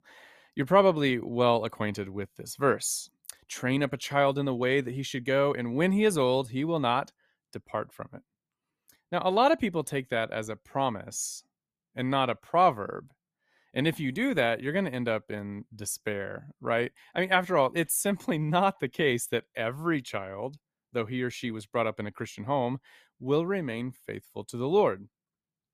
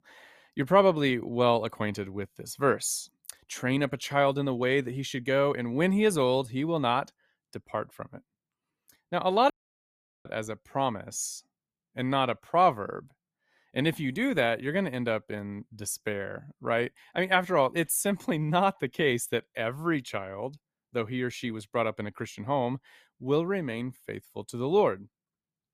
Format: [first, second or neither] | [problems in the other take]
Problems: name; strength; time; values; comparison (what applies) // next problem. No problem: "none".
first | audio cutting out; at 9.5 s for 1 s